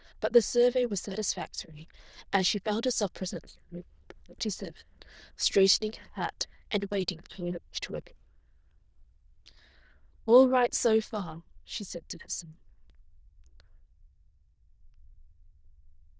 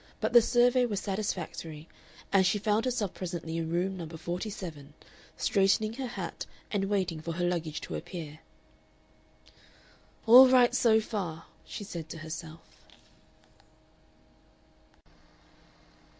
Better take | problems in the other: second | noise reduction (neural diffusion model UNIVERSE++)

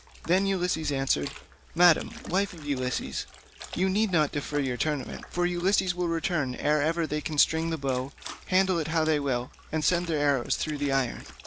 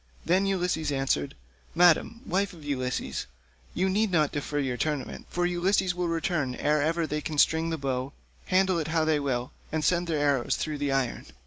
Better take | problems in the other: second | background sound (Trickle, dribble / Splash, splatter); 19 dB below the speech

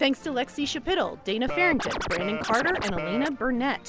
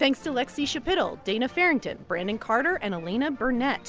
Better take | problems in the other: second | background sound (Scratching (performance technique)); 4 dB below the speech

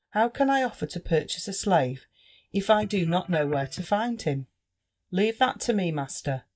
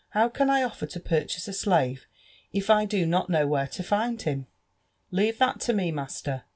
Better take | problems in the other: second | noise reduction (neural mask model DeepFilterNet 3)

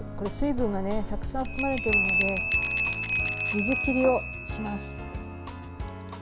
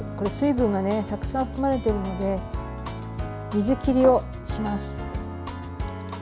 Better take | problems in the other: second | background sound (Bell); as loud as the speech

